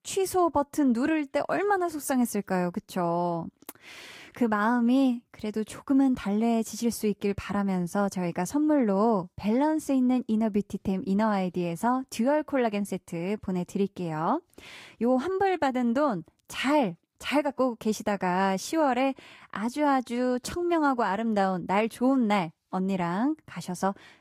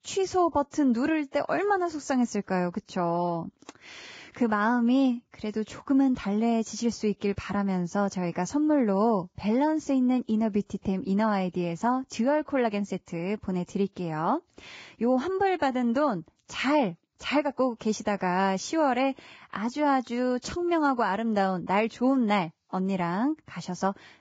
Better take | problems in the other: first | garbled, watery; badly; nothing above 7.5 kHz; slightly in the first

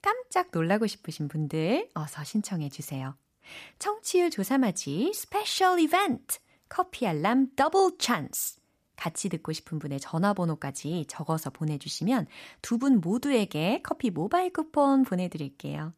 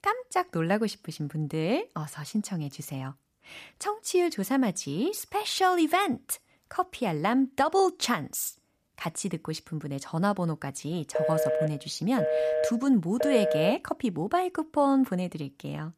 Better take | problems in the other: first | phone ringing; loud; from 11 to 14 s; peak 3 dB above the speech

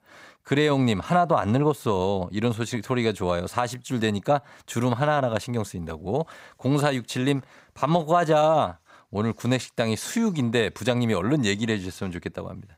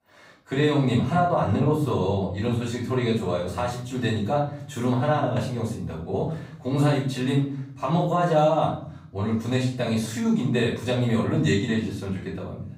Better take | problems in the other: first | off-mic speech; far // room echo; noticeable; dies away in 0.7 s

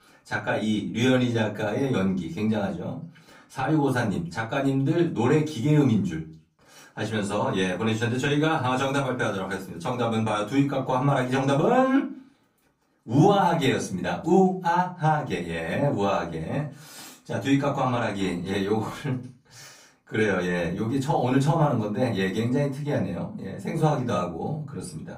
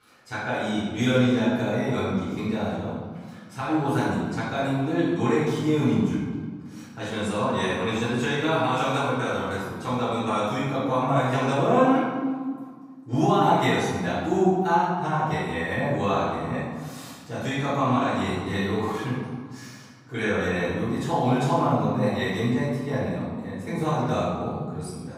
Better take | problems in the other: first | room echo; strong; dies away in 1.4 s; slight in the first // off-mic speech; far; far in the first

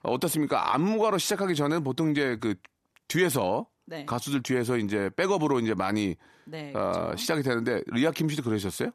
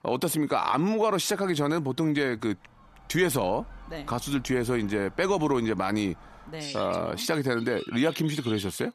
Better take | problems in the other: first | animal sounds; noticeable; throughout; 20 dB below the speech

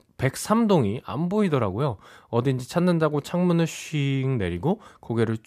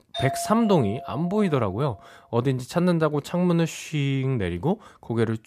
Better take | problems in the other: first | doorbell; noticeable; until 2 s; peak 6 dB below the speech

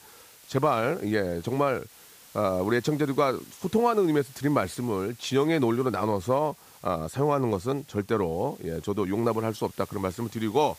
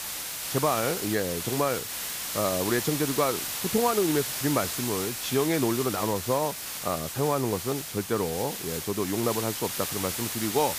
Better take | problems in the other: first | hiss; loud; throughout; 3 dB below the speech; faint in the first

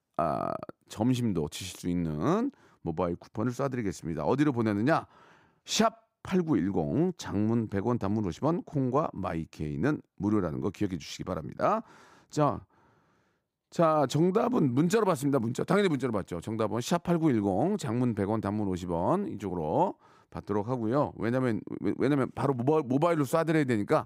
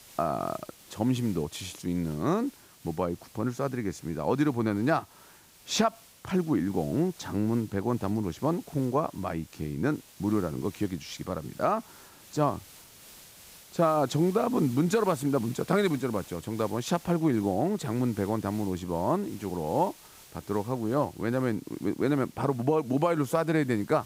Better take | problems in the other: first | hiss; faint; throughout; 20 dB below the speech

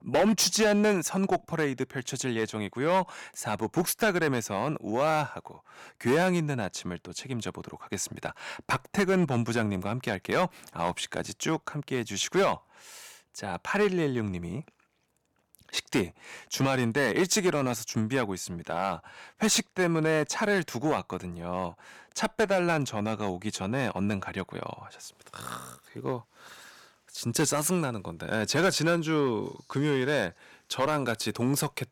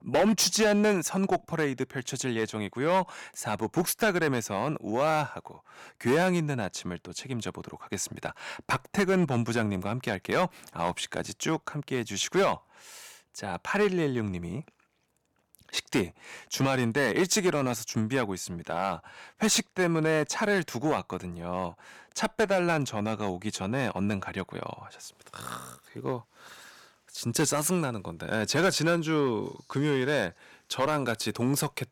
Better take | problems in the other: neither | distortion; slight; 3% of the sound clipped; the same in both

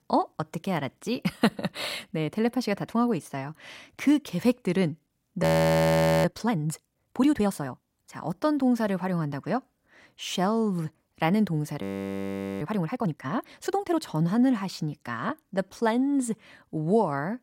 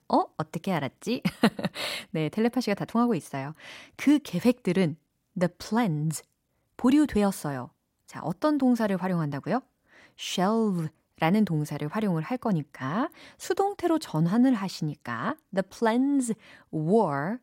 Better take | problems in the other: second | audio freezing; at 5.5 s for 1 s and at 12 s for 1 s

